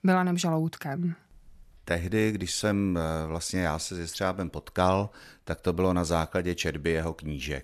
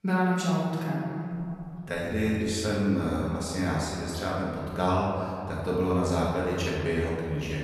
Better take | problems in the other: first | off-mic speech; far // room echo; noticeable; dies away in 2.7 s

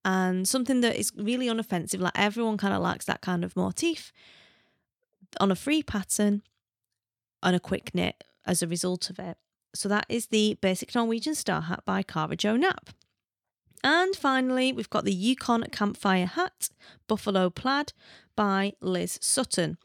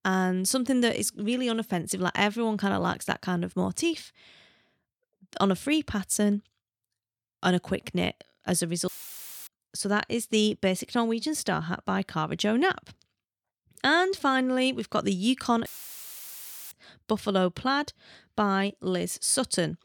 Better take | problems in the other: first | audio cutting out; filled with static; at 9 s for 0.5 s and at 16 s for 1 s

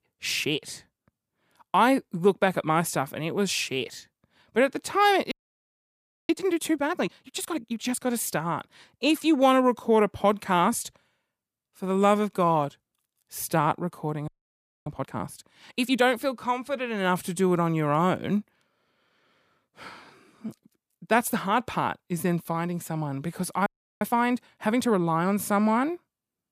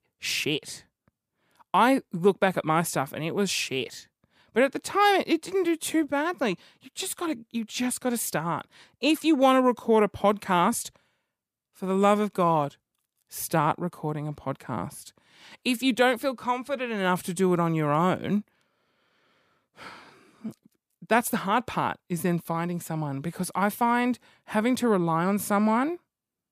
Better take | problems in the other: second | audio freezing; at 5.5 s for 1 s, at 14 s for 0.5 s and at 24 s

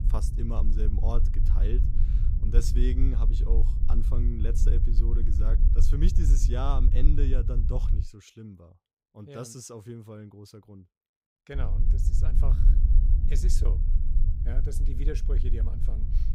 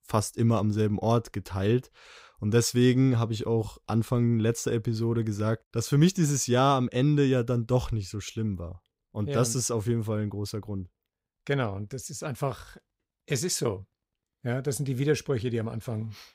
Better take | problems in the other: second | low rumble; loud; until 8 s and from 12 s on; 5 dB below the speech

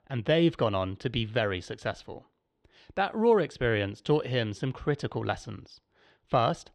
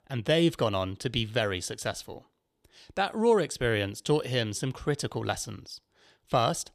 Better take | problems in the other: second | muffled; slightly; fading above 3 kHz

